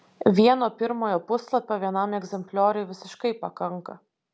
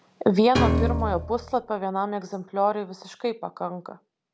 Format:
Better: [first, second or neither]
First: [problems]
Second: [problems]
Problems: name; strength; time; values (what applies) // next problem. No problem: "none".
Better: first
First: none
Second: background sound (Piano); 1 dB above the speech